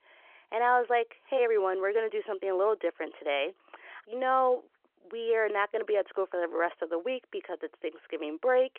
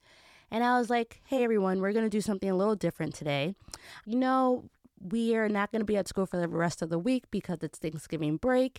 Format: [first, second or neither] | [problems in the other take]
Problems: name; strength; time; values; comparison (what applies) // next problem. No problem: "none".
second | phone-call audio